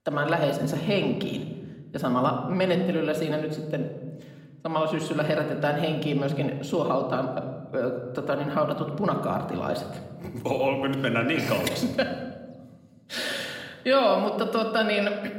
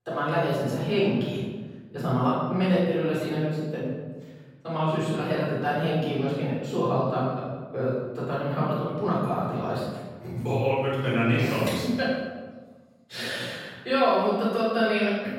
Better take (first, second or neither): first